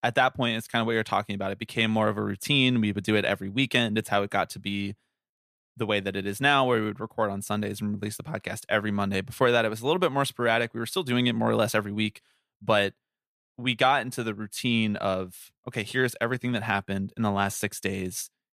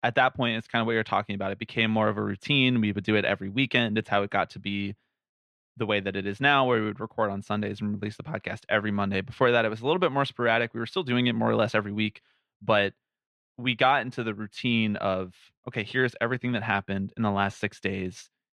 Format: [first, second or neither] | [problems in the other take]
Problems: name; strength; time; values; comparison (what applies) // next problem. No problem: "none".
first | muffled; slightly; fading above 3 kHz